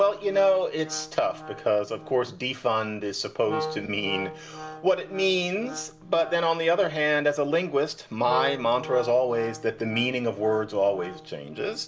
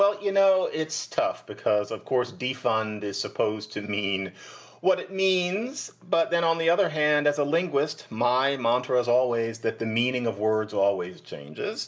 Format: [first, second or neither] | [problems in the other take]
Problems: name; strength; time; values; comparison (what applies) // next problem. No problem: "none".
second | background sound (Wind instrument, woodwind instrument); 14 dB below the speech